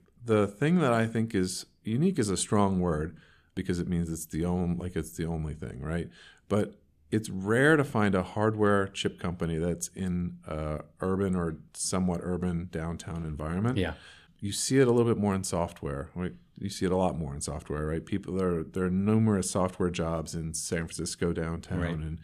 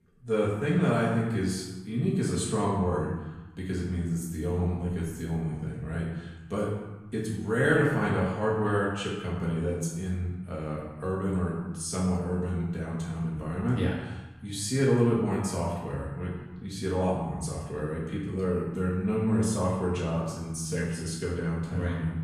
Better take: first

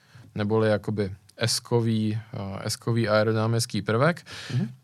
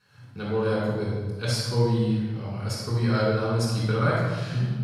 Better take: first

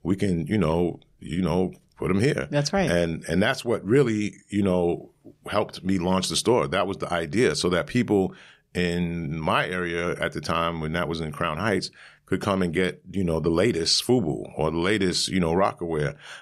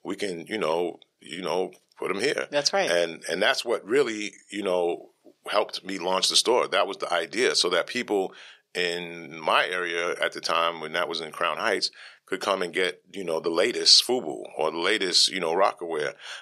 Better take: first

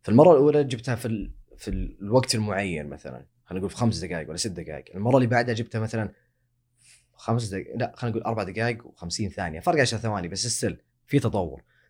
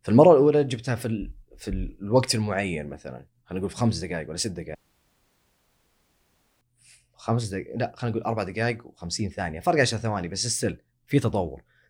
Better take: first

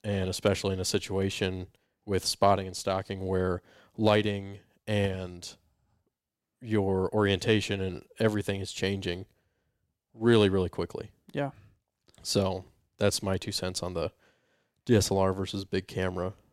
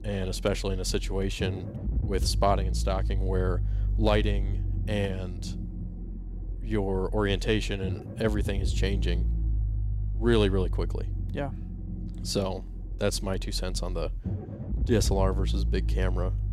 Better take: first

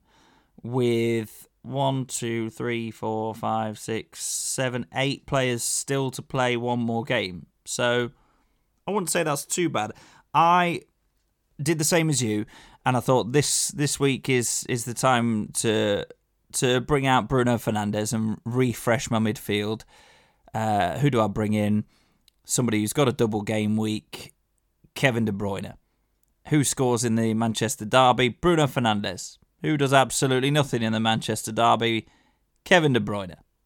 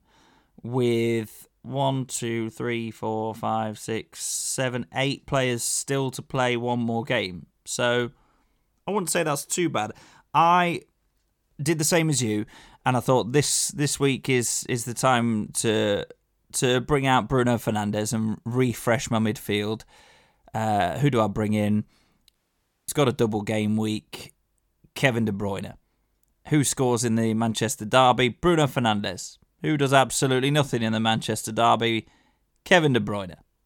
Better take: first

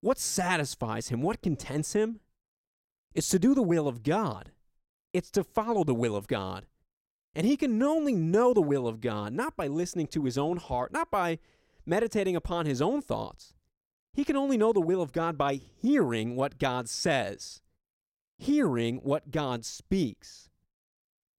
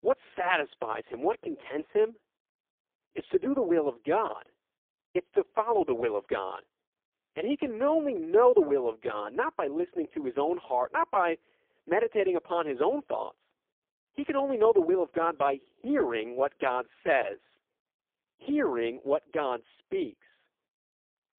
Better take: first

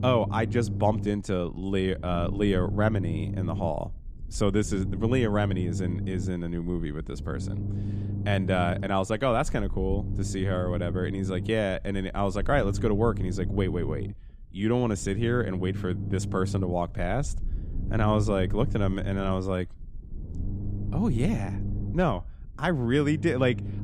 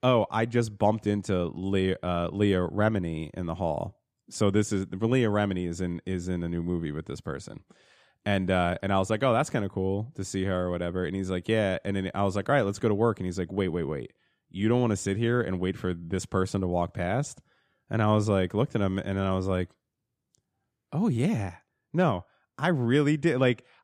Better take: second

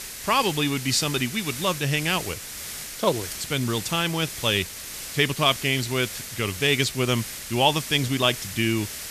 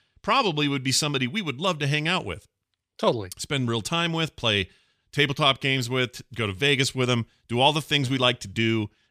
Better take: second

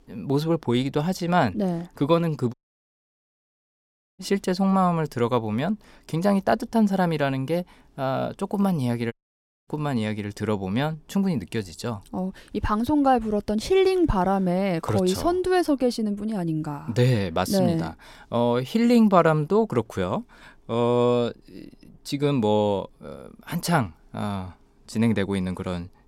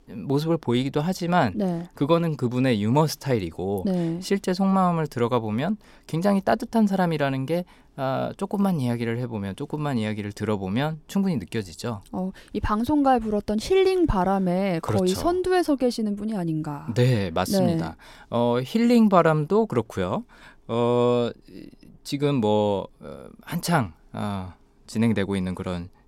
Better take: second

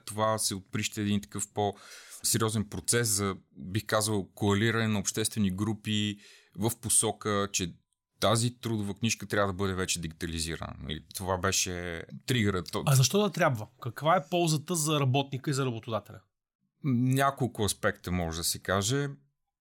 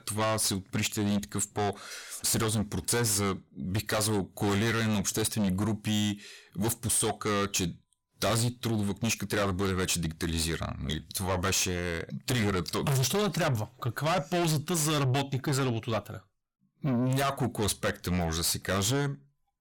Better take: first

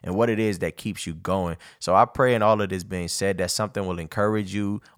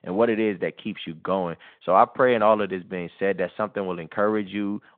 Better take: first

